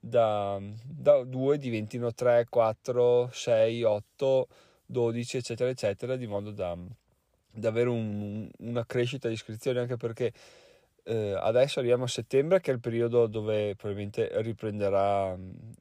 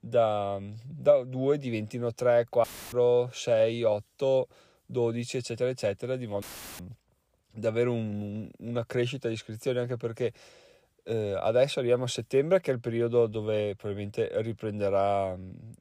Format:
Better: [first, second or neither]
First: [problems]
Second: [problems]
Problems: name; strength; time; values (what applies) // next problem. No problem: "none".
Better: first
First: none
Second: audio cutting out; filled with static; at 2.5 s and at 6.5 s